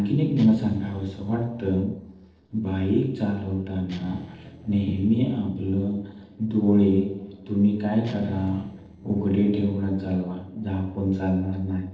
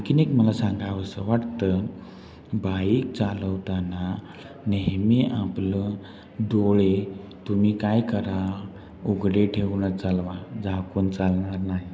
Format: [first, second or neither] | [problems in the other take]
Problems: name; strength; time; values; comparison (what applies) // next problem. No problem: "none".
second | noise reduction (neural separator model SepFormer DNS4)